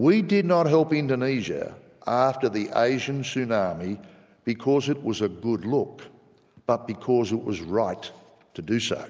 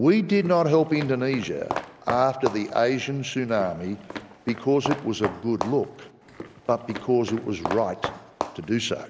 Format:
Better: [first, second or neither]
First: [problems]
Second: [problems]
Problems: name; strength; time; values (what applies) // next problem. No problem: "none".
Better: first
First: none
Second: background sound (Walk, footsteps); 10 dB below the speech